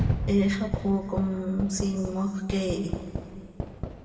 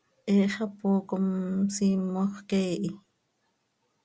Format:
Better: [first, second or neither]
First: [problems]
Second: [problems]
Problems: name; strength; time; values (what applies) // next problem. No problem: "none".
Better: second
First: background sound (Fireworks); 4 dB below the speech // room echo; dies away in 1.9 s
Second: none